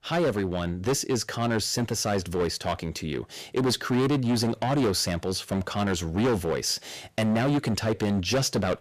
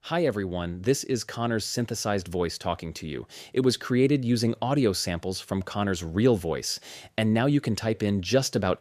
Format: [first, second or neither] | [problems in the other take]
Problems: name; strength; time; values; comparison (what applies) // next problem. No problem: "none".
second | distortion; heavy; 14% of the sound clipped